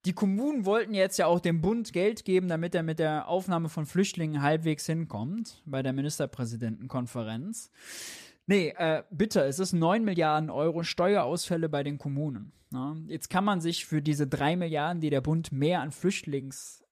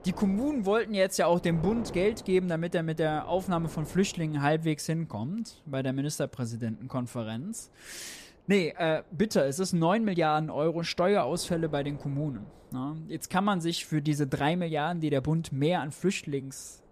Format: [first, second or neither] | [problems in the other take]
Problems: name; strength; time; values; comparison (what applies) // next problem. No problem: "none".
first | wind noise on the microphone; occasional gusts; 20 dB below the speech